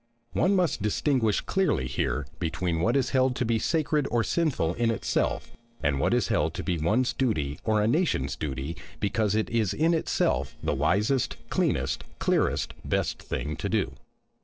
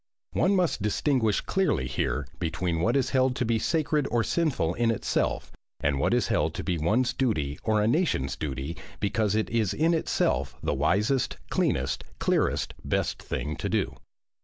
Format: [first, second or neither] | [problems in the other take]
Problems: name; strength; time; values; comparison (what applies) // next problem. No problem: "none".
second | noise reduction (neural separator model SepFormer DNS4)